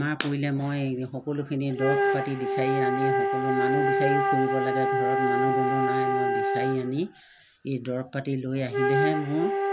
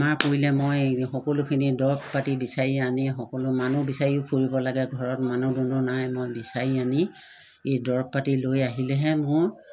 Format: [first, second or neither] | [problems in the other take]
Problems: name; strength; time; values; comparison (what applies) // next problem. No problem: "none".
second | background sound (Wind instrument, woodwind instrument); 3 dB above the speech